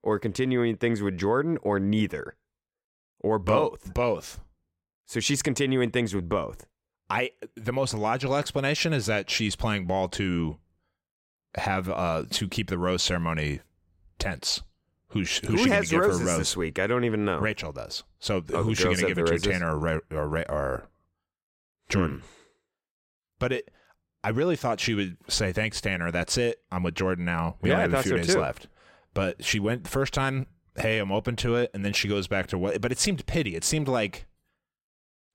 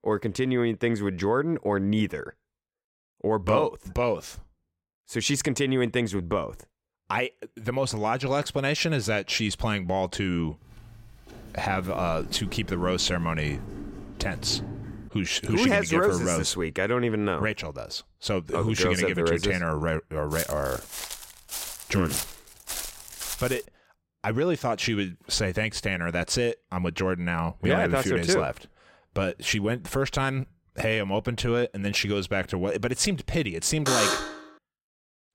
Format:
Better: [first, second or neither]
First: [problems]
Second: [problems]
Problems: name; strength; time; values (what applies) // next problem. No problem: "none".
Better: first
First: none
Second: footsteps; noticeable; from 11 to 15 s and from 20 to 24 s; peak 4 dB below the speech // alarm; loud; at 34 s; peak 4 dB above the speech